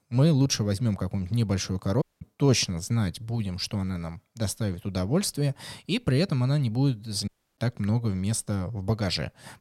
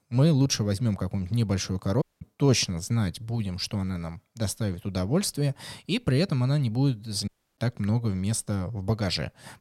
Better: neither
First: audio cutting out; at 2 s and at 7.5 s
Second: audio cutting out; at 2 s and at 7.5 s

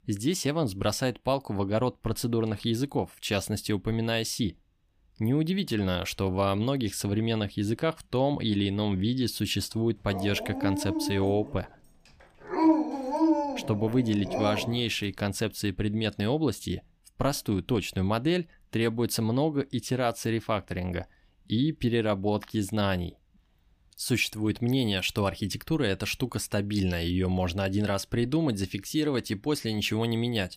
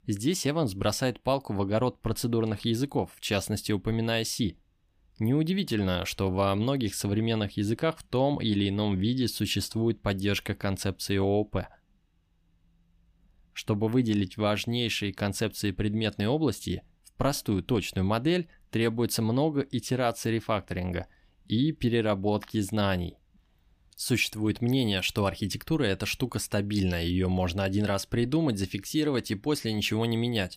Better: second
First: dog barking; loud; from 10 to 15 s; peak 5 dB above the speech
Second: none

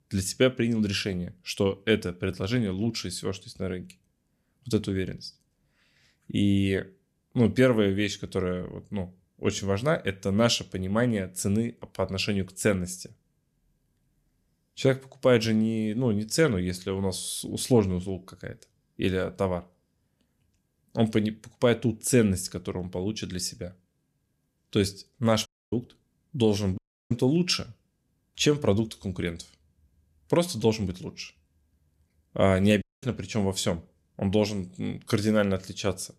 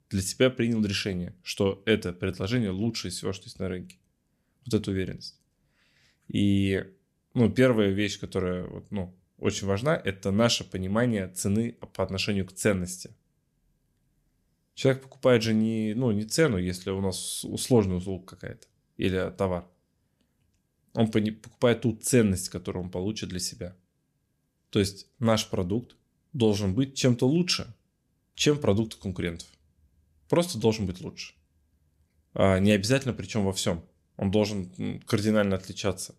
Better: second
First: audio cutting out; at 25 s, at 27 s and at 33 s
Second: none

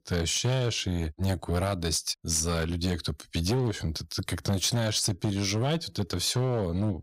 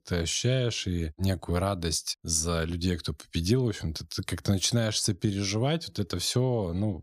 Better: second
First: distortion; slight; 9% of the sound clipped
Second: none

